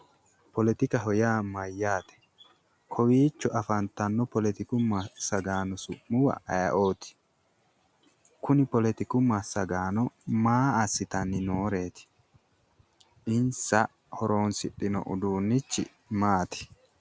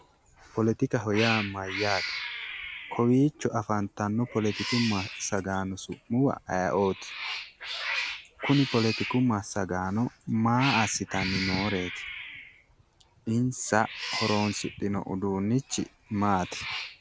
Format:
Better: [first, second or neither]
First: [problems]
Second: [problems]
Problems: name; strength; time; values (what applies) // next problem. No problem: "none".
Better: first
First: none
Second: background sound (Cat); 9 dB below the speech